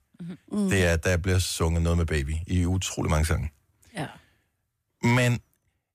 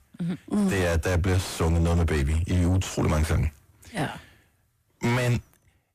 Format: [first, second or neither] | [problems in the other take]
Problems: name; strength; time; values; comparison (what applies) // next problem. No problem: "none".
first | distortion; heavy; 7 dB below the speech